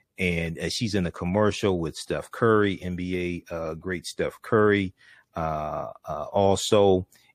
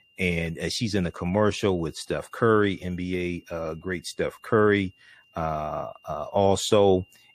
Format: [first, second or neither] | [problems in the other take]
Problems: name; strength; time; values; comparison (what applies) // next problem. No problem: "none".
first | high-pitched whine; faint; throughout; 3 kHz, 35 dB below the speech